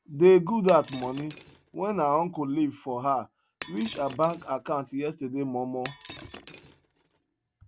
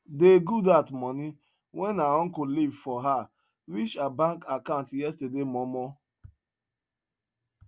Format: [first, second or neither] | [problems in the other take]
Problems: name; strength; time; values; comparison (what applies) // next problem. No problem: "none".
second | background sound (Shatter); 20 dB below the speech